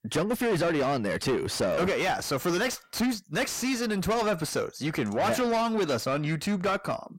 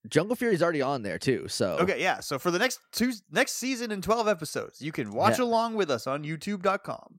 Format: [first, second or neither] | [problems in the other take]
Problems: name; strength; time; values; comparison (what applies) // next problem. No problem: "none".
second | distortion; heavy; 5 dB below the speech